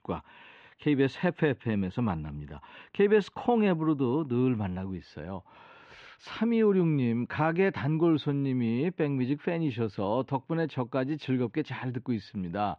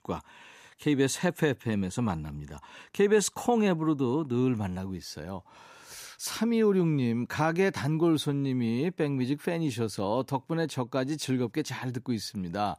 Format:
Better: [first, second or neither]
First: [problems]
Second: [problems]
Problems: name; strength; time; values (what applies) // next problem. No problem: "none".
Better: second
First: muffled; very; fading above 3 kHz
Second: none